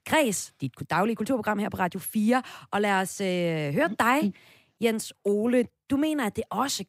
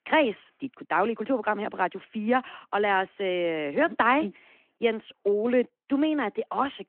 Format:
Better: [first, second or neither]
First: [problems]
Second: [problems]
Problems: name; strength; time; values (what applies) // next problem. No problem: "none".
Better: first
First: none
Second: phone-call audio